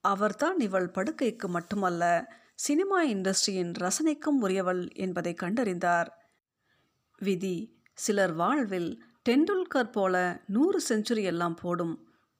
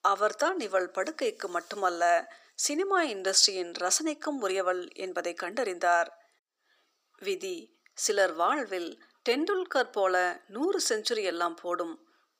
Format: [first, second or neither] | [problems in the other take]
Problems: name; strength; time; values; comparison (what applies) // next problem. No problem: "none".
first | thin; somewhat; fading below 400 Hz